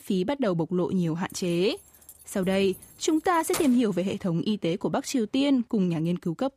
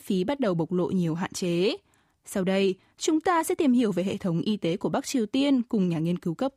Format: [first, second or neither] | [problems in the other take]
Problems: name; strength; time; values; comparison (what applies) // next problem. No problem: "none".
second | jangling keys; noticeable; from 1.5 to 3.5 s; peak 7 dB below the speech